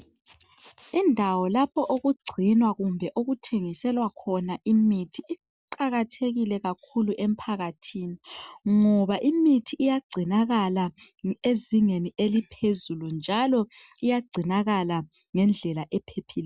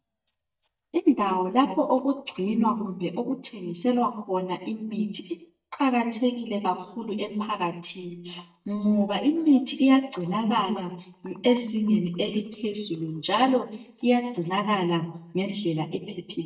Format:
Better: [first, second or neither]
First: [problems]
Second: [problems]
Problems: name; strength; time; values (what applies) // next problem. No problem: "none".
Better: first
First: none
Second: noise reduction (neural mask model DeepFilterNet 3)